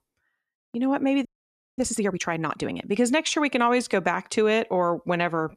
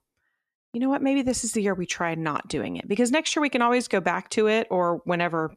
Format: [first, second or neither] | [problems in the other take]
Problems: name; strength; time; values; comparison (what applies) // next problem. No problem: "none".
second | audio freezing; at 1.5 s for 0.5 s